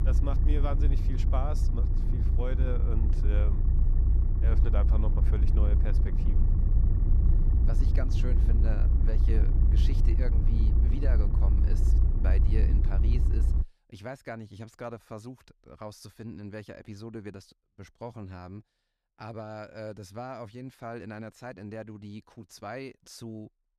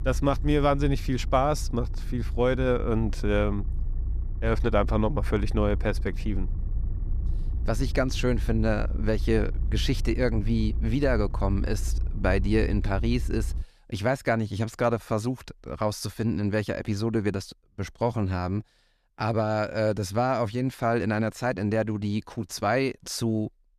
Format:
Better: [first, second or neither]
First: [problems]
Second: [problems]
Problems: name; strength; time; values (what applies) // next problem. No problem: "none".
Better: second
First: low rumble; loud; until 14 s; 2 dB below the speech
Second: low rumble; faint; until 14 s; 20 dB below the speech